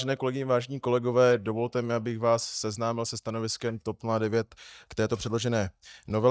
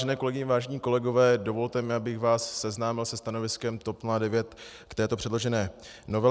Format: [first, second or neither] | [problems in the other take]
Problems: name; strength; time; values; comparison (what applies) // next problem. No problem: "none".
second | noise reduction (neural mask model DeepFilterNet 3)